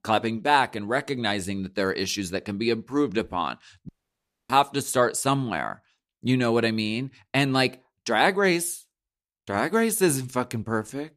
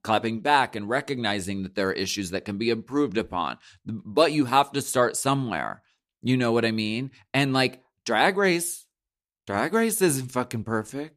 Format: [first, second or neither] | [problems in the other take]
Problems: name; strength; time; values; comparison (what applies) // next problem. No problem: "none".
second | audio cutting out; at 4 s for 0.5 s